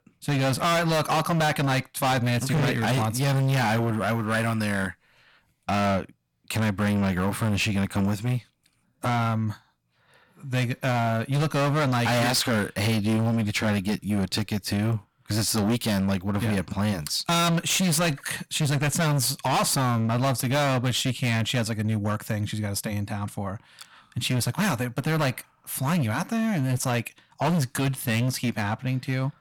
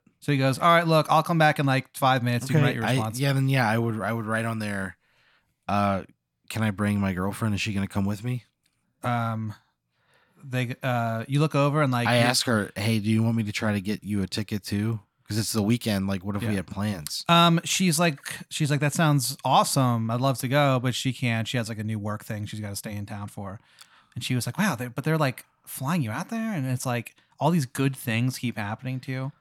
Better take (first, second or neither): second